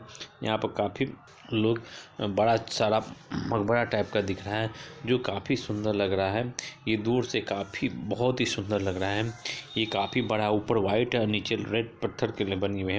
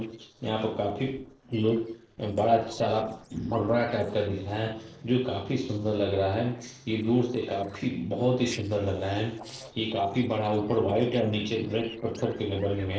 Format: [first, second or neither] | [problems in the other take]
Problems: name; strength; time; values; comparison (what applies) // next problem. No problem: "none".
first | noise reduction (neural separator model SepFormer DNS4)